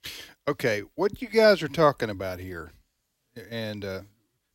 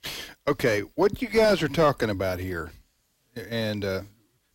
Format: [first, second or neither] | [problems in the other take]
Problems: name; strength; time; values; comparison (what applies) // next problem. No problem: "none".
first | distortion; heavy; 7 dB below the speech